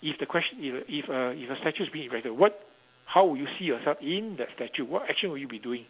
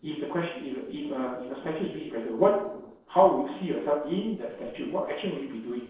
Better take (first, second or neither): first